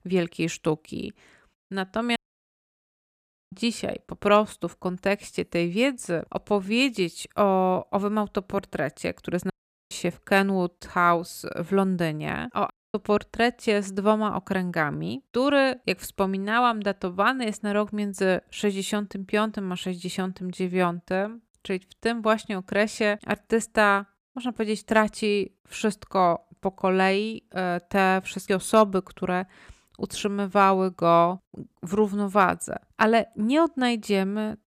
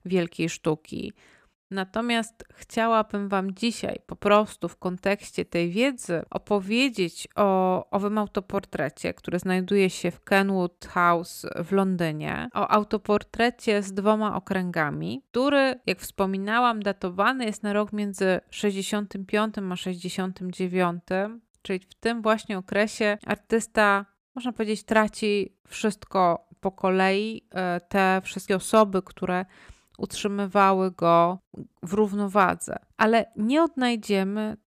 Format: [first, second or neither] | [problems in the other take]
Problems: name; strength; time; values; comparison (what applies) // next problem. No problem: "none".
second | audio cutting out; at 2 s for 1.5 s, at 9.5 s and at 13 s